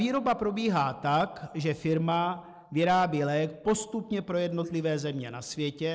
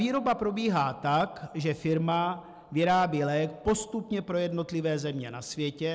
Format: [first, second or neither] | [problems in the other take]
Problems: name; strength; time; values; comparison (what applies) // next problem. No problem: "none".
second | noise reduction (neural mask model Resemble Enhance denoiser)